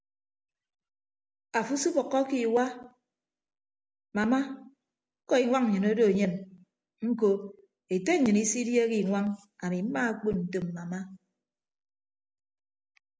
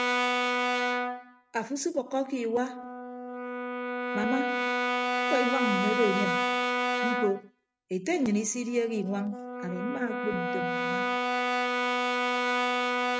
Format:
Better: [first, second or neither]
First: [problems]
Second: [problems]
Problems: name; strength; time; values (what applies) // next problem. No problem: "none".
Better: first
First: none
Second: noise reduction (neural mask model RNNoise)